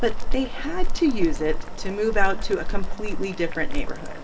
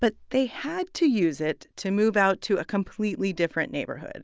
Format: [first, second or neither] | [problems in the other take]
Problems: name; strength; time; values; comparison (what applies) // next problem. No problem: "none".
second | background sound (Boiling); 5 dB above the speech // room echo; dies away in 1.4 s